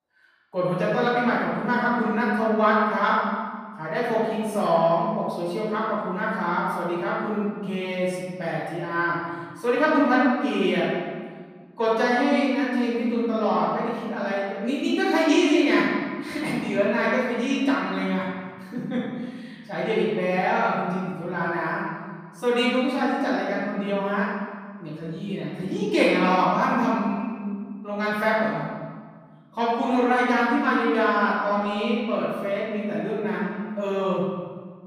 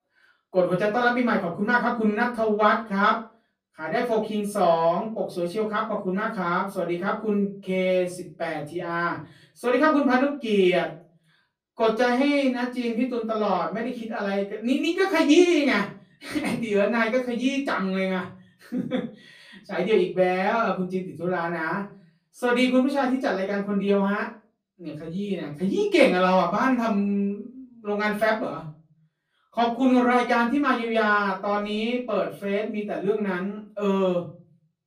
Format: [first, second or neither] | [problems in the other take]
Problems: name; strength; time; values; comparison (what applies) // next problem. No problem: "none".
second | room echo; strong; dies away in 1.6 s; slight in the second // off-mic speech; far; far in the second